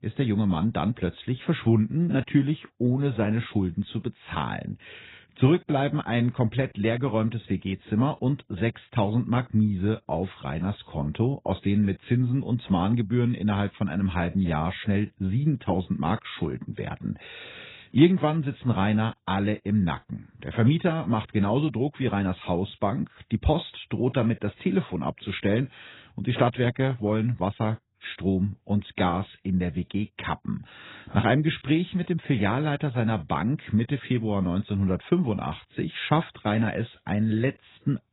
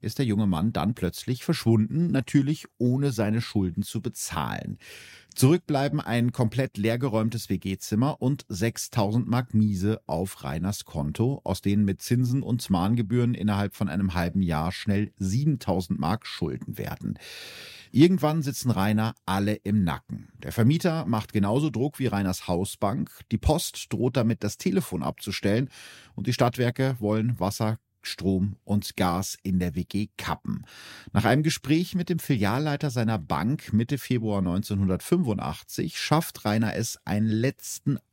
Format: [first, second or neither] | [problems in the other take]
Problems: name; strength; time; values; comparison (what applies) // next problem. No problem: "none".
second | garbled, watery; badly; nothing above 4 kHz